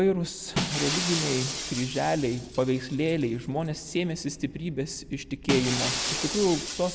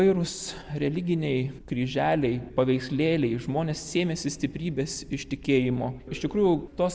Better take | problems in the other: second | background sound (Shatter); 6 dB below the speech

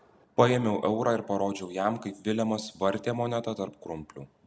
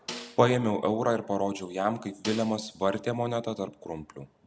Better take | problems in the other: first | background sound (Snare drum); 15 dB below the speech

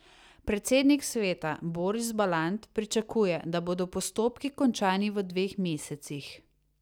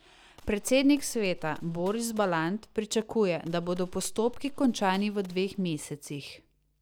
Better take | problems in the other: first | background sound (Gunshot, gunfire); 15 dB below the speech

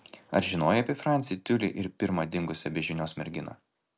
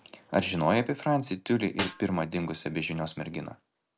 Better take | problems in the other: first | background sound (Snare drum); 11 dB below the speech

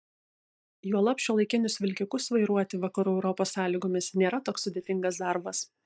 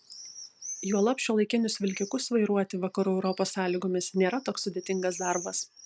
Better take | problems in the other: second | noise reduction (neural mask model DeepFilterNet 3)

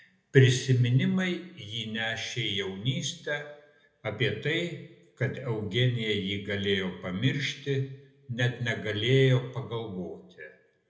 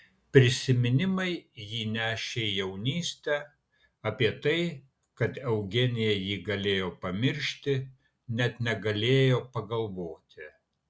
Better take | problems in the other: second | room echo; dies away in 0.7 s

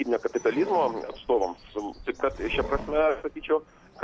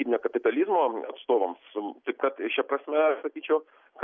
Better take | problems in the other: second | background sound (Wood + Bird); 13 dB below the speech

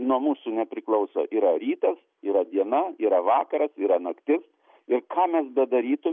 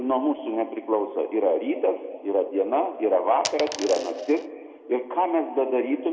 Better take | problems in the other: first | background sound (Coin (dropping)); 11 dB below the speech // room echo; dies away in 1.8 s

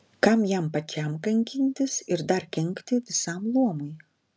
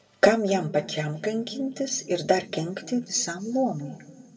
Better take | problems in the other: first | room echo; dies away in 2.2 s

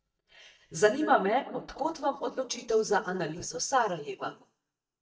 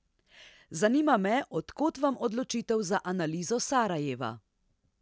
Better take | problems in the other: second | noise reduction (neural mask model DeepFilterNet 3)

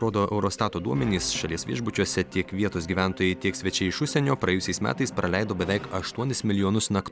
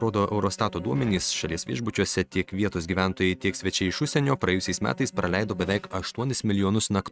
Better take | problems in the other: first | noise reduction (neural mask model RNNoise)

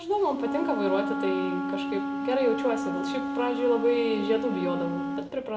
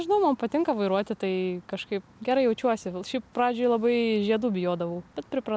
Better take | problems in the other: second | background sound (Wind instrument, woodwind instrument); 3 dB below the speech // room echo; dies away in 1.7 s

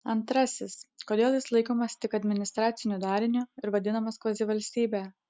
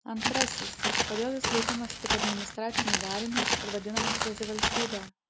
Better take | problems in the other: first | background sound (Walk, footsteps); 4 dB above the speech

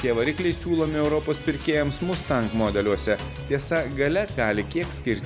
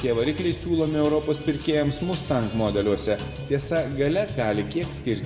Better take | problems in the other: first | room echo; dies away in 1.1 s

